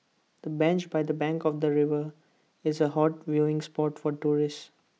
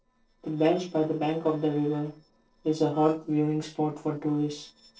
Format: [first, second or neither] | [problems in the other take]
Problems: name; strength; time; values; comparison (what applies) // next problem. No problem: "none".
first | noise reduction (neural separator model SepFormer DNS4)